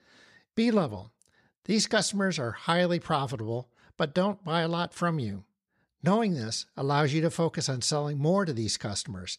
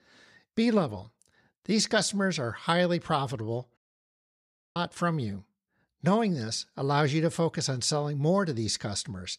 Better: first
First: none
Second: audio cutting out; at 4 s for 1 s

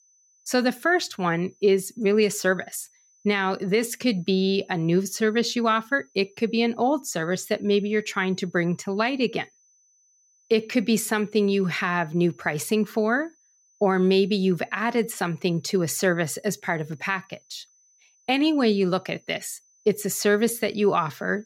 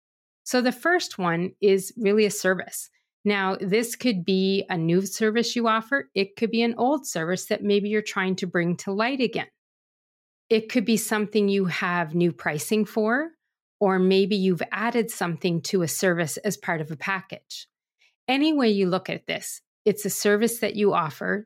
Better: second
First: high-pitched whine; faint; throughout; 6 kHz, 35 dB below the speech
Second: none

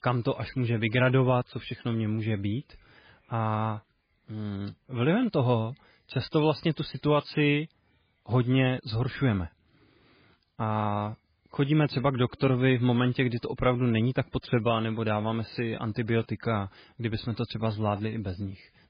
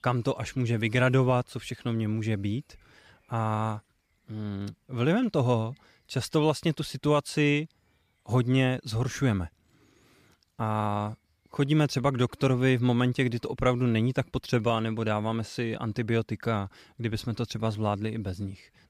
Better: second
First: garbled, watery; badly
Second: none

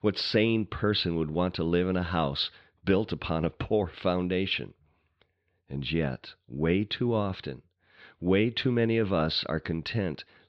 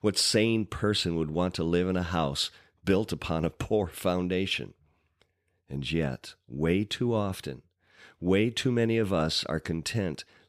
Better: second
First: muffled; very slightly; fading above 4 kHz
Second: none

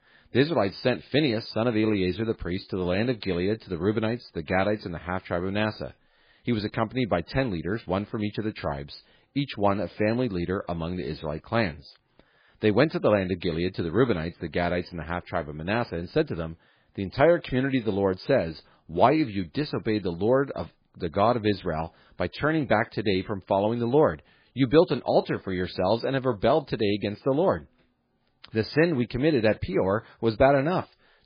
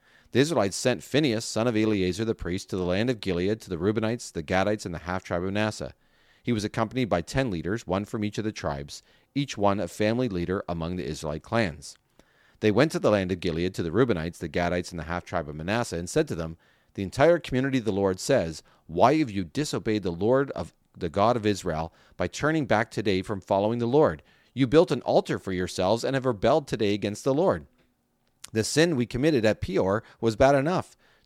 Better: second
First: garbled, watery; badly; nothing above 4 kHz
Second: none

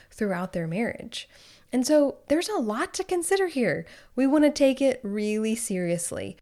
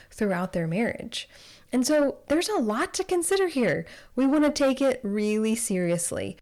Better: first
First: none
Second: distortion; slight; 10 dB below the speech

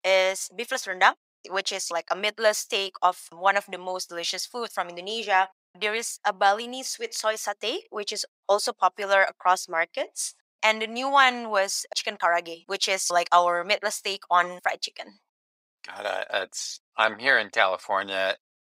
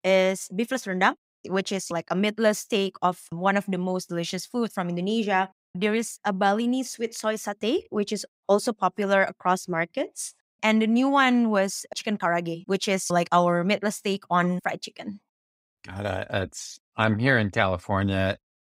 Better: second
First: thin; very; fading below 750 Hz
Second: none

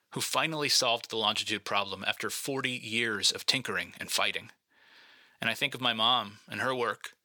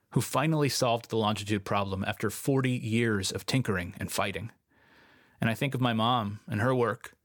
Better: second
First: thin; somewhat; fading below 600 Hz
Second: none

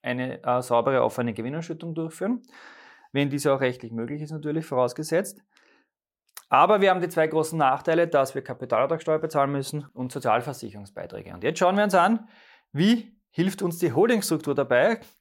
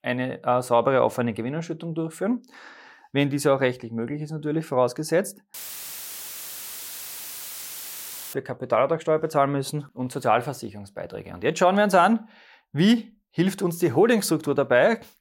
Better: first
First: none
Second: audio cutting out; filled with static; at 5.5 s for 3 s

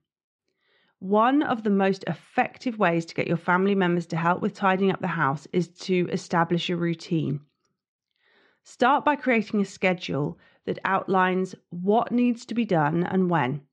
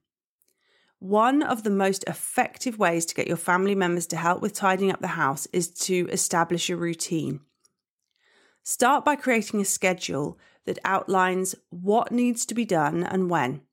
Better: second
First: muffled; slightly; fading above 4.5 kHz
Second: none

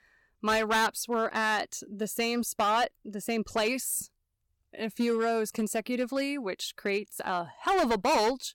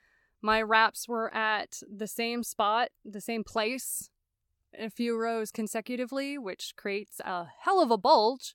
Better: second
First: distortion; heavy; 7% of the sound clipped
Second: none

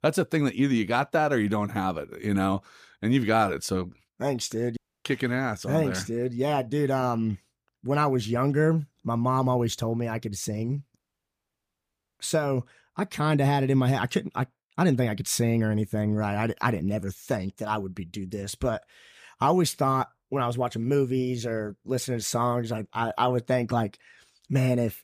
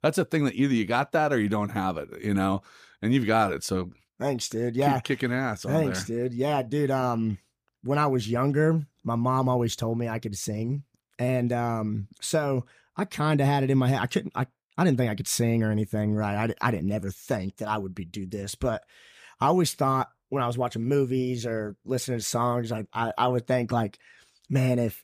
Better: second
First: audio cutting out; at 5 s and at 11 s for 1 s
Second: none

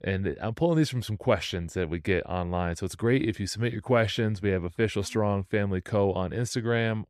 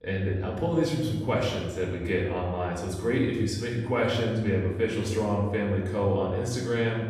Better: first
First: none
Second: off-mic speech; far // room echo; noticeable; dies away in 1 s

